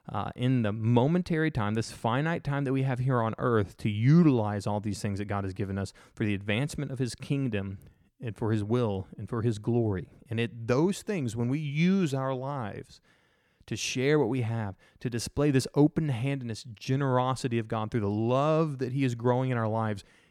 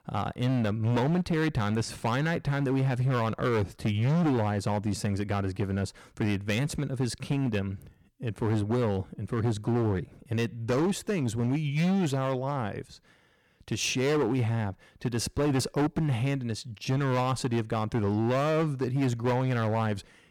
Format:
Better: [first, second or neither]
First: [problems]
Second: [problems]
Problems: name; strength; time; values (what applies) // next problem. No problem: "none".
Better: first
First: none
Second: distortion; heavy; 14% of the sound clipped